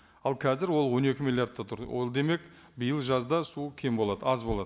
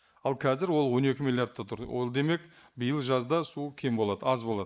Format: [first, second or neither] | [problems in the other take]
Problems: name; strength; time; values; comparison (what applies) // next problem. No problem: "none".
first | noise reduction (neural mask model Resemble Enhance denoiser)